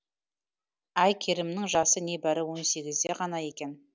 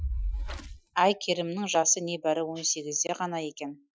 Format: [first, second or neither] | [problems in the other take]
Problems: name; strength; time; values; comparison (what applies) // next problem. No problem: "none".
first | noise reduction (classical method Wiener filter)